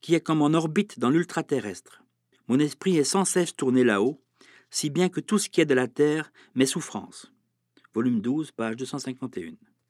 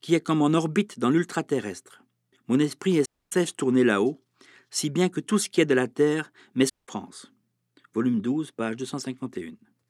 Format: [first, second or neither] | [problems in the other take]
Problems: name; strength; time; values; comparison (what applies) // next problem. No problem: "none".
first | audio cutting out; at 3 s and at 6.5 s